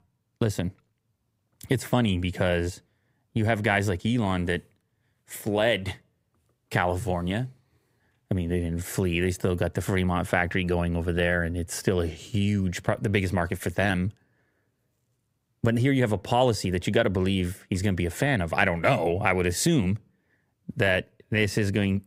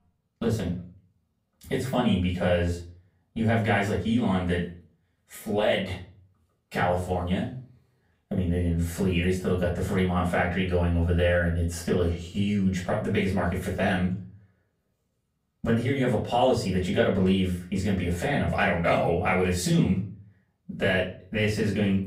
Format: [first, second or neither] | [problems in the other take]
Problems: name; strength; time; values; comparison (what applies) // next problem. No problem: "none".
first | room echo; slight; dies away in 0.4 s // off-mic speech; far